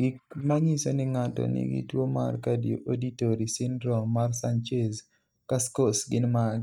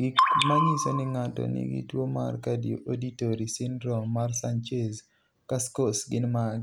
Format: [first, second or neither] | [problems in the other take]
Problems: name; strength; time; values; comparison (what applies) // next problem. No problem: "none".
second | noise reduction (neural mask model DeepFilterNet 3)